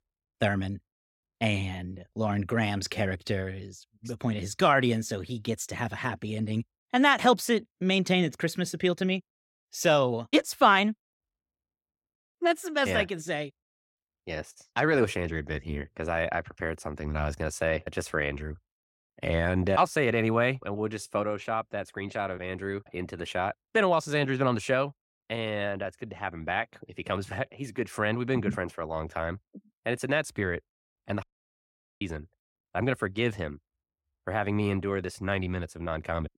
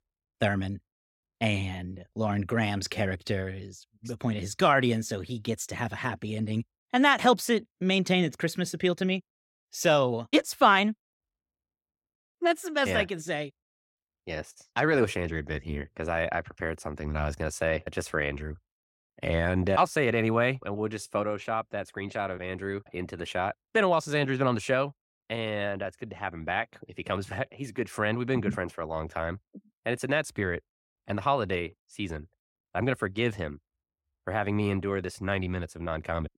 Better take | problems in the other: second | audio cutting out; at 31 s for 1 s

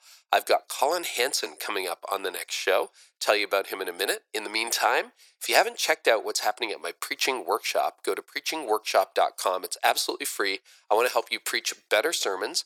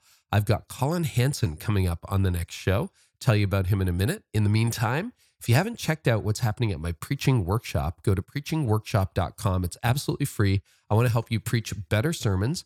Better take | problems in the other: second | thin; very; fading below 400 Hz

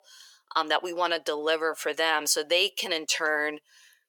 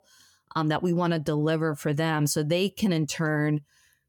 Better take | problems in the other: second | thin; very; fading below 450 Hz

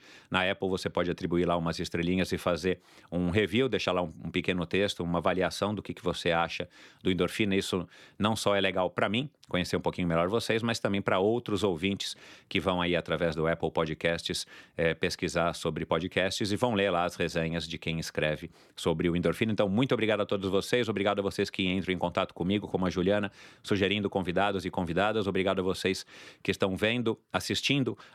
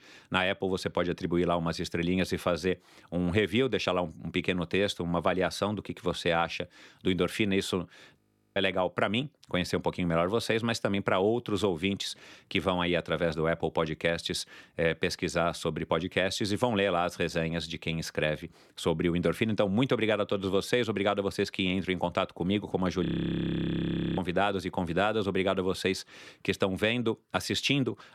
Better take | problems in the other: first | audio freezing; at 8 s and at 23 s for 1 s

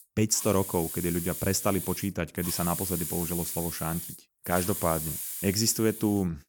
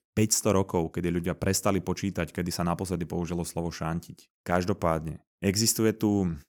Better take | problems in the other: second | hiss; loud; throughout; 5 dB below the speech

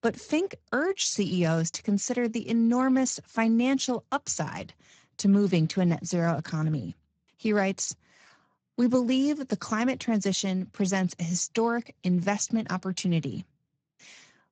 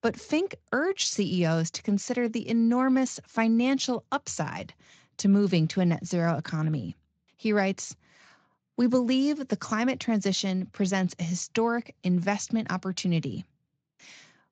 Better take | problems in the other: second | garbled, watery; badly; nothing above 7.5 kHz; slightly in the second

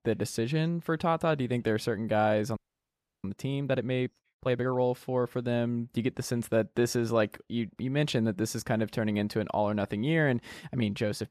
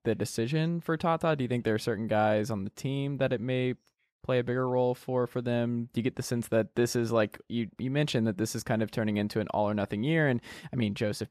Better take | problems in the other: second | audio freezing; at 2.5 s for 0.5 s

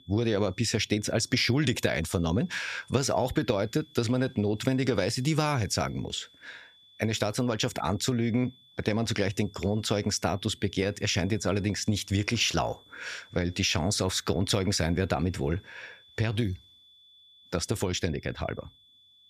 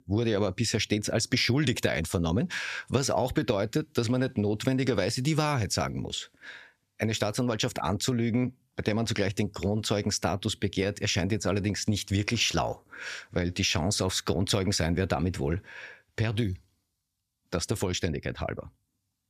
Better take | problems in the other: second | high-pitched whine; faint; throughout; 3.5 kHz, 25 dB below the speech

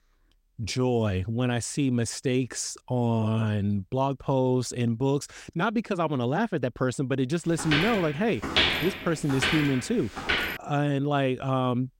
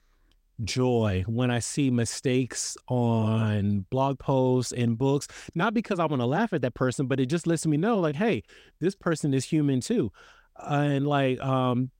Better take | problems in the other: second | footsteps; loud; from 7.5 to 11 s; peak 5 dB above the speech

